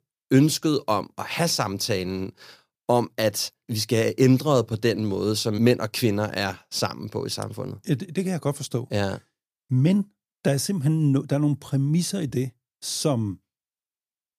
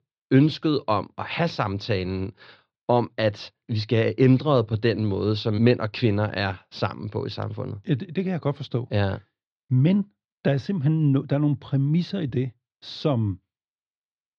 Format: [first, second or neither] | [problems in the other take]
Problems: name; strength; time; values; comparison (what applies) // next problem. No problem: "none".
first | muffled; slightly; fading above 4 kHz